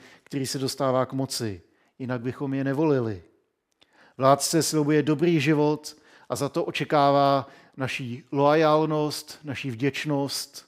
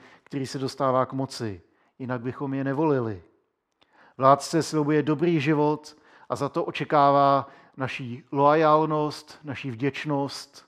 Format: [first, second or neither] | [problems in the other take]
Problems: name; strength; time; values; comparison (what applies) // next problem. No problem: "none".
first | muffled; slightly; fading above 1.5 kHz